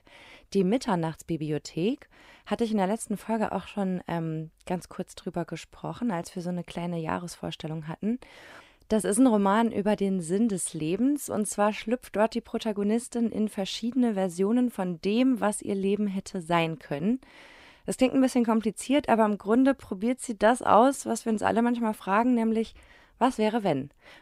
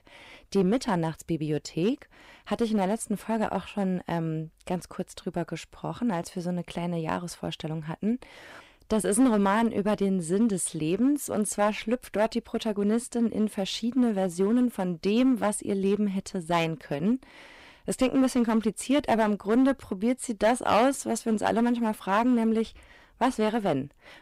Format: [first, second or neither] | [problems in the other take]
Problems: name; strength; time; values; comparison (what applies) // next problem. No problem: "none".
first | distortion; slight; 3% of the sound clipped